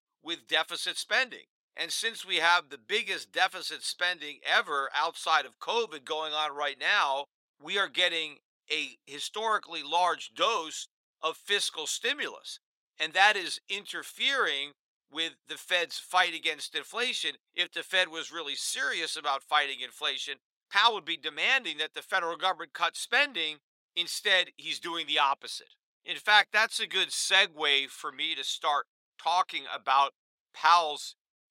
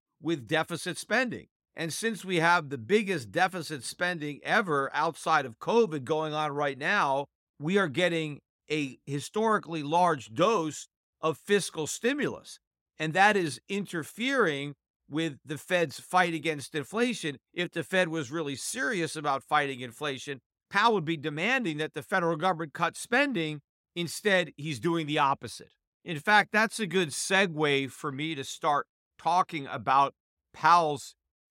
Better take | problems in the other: second | thin; very; fading below 650 Hz

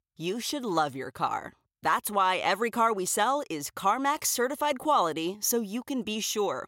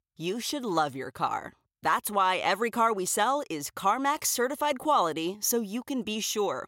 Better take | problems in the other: neither | none

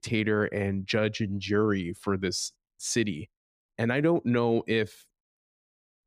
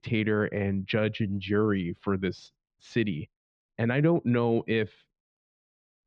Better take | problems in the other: first | muffled; very; fading above 3 kHz

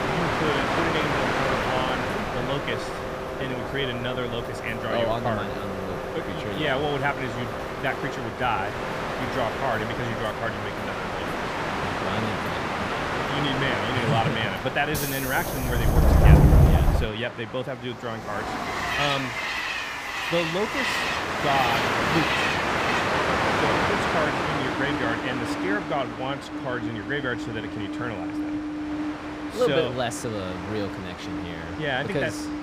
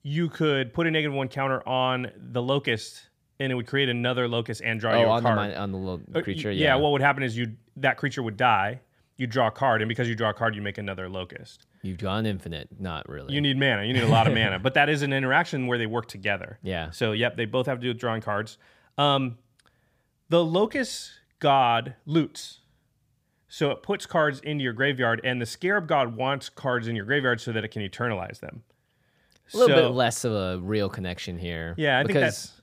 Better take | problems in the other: second | train or aircraft noise; very loud; throughout; 3 dB above the speech

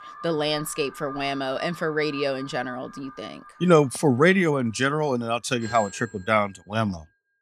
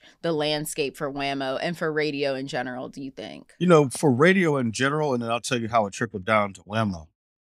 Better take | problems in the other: second | alarms or sirens; noticeable; throughout; 15 dB below the speech

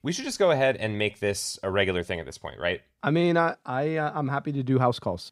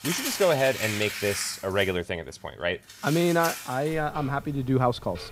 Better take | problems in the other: first | household noises; loud; throughout; 7 dB below the speech

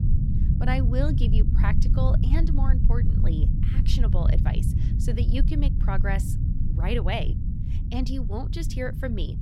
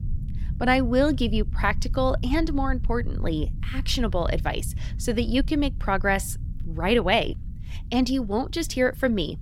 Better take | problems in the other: second | low rumble; loud; throughout; 5 dB below the speech; faint in the second

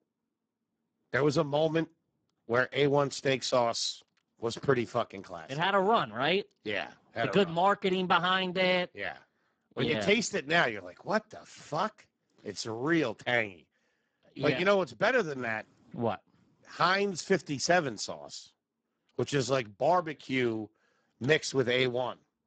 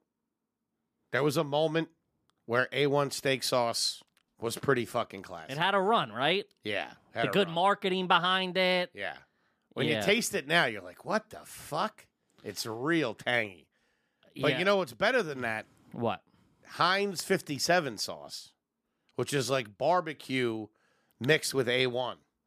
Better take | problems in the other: second | garbled, watery; badly; nothing above 7.5 kHz

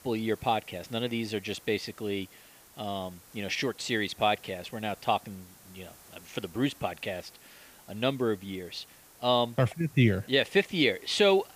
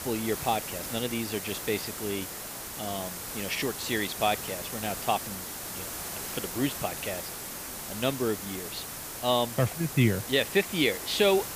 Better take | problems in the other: first | hiss; loud; throughout; 6 dB below the speech; faint in the first

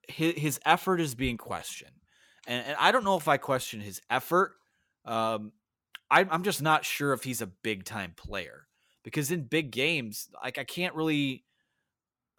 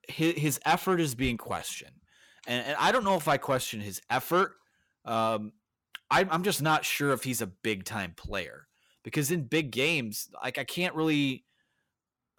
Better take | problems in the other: first | distortion; slight; 10 dB below the speech

